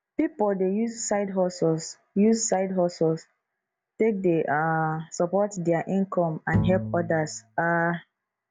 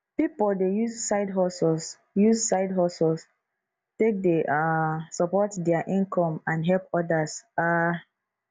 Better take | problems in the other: second | background sound (Bowed string instrument); 5 dB below the speech

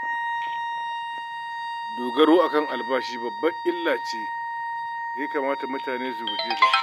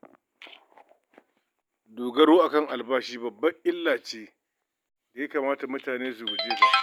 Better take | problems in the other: second | background sound (Wind instrument, woodwind instrument); 4 dB below the speech

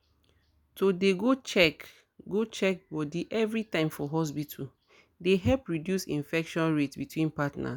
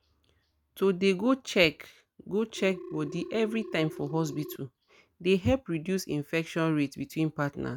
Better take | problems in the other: first | noise reduction (neural mask model RNNoise)

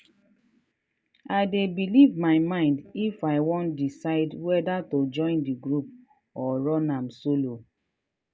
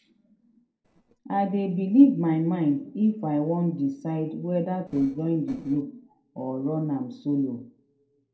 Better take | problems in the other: first | noise reduction (neural separator model SepFormer DNS4)

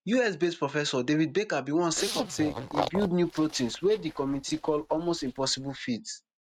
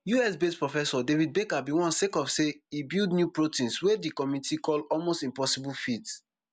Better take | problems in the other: second | noise reduction (neural mask model RNNoise)

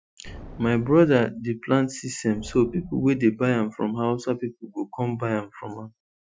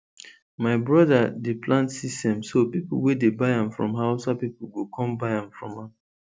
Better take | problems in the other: second | noise reduction (classical method Wiener filter)

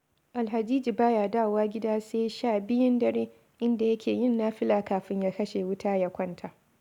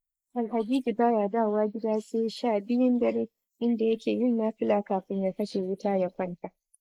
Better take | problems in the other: first | noise reduction (neural mask model Resemble Enhance denoiser)

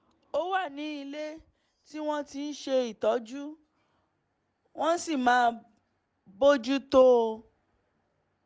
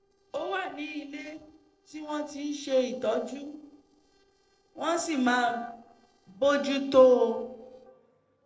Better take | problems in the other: first | noise reduction (neural separator model SepFormer DNS4)

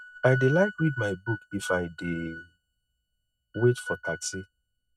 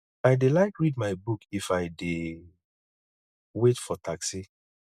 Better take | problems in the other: second | noise reduction (neural mask model RNNoise)

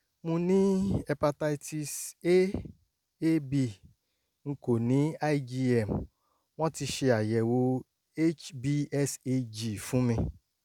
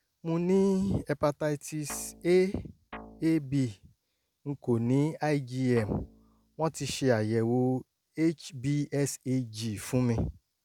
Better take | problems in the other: first | background sound (Guitar); 20 dB below the speech

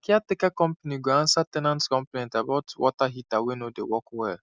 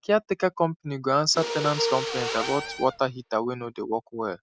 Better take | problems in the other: first | background sound (Mechanisms + Cupboard open or close / Door); 6 dB below the speech

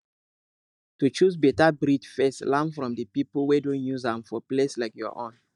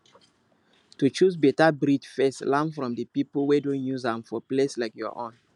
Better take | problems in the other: second | noise reduction (neural mask model DeepFilterNet 3)

